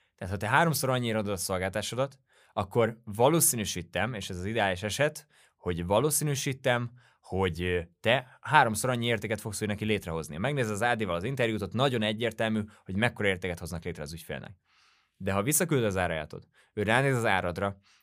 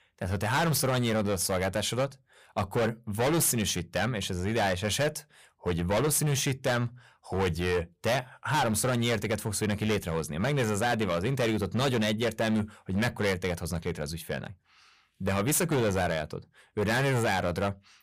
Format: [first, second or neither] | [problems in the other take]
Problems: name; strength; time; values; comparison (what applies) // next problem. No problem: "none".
first | distortion; heavy; 15% of the sound clipped